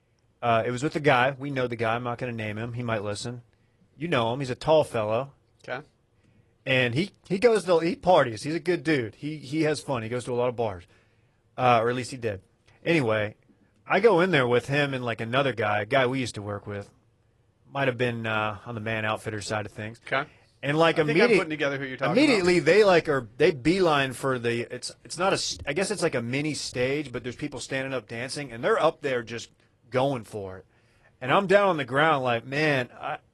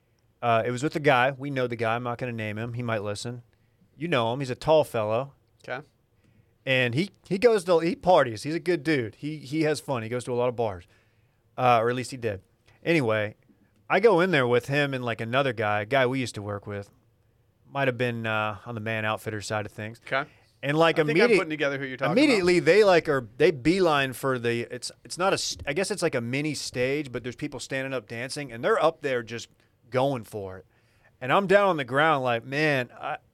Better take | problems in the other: second | garbled, watery; slightly

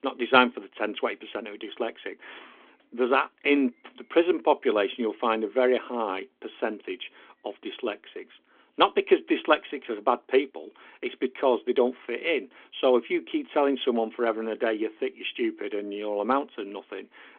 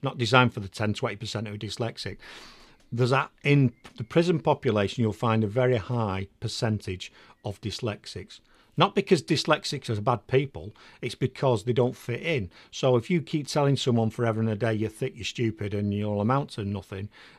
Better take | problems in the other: second | phone-call audio; nothing above 3.5 kHz

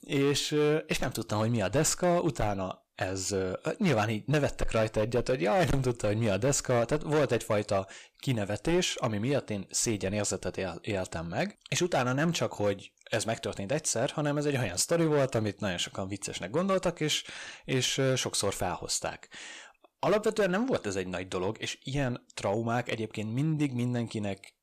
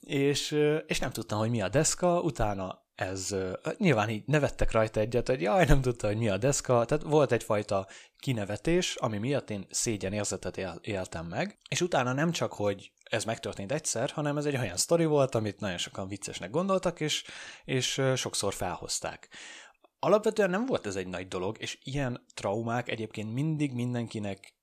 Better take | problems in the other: second | distortion; slight; 6% of the sound clipped

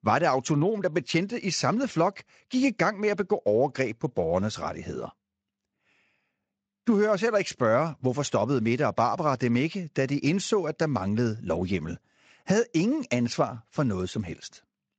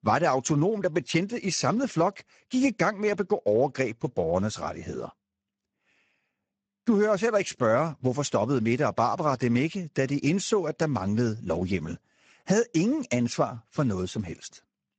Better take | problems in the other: first | garbled, watery; badly; nothing above 7.5 kHz; slightly in the first

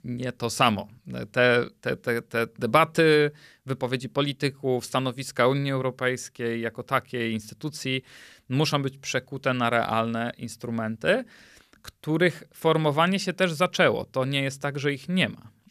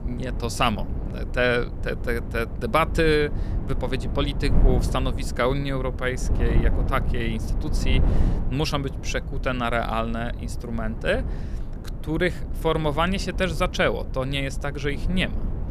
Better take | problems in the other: first | wind noise on the microphone; occasional gusts; 15 dB below the speech

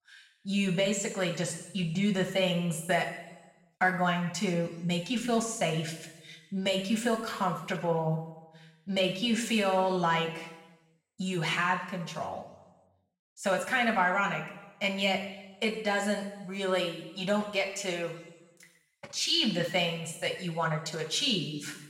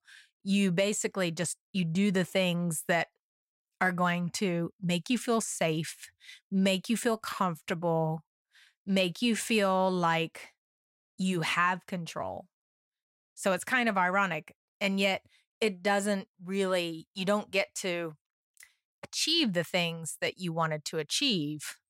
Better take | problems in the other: second | room echo; noticeable; dies away in 1 s // off-mic speech; somewhat distant

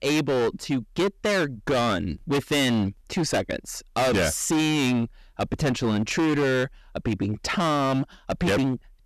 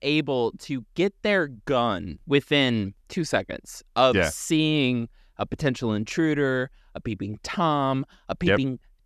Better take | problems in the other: second | distortion; heavy; 21% of the sound clipped

